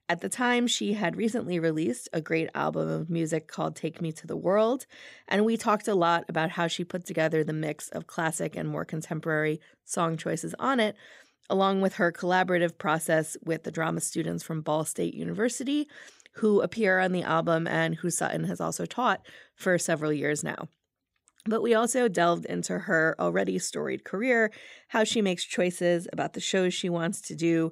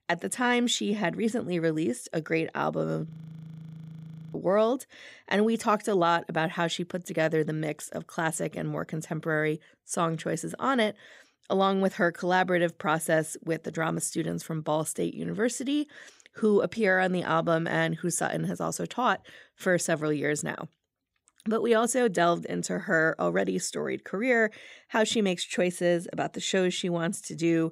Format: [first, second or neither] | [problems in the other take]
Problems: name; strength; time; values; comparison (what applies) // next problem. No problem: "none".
first | audio freezing; at 3 s for 1.5 s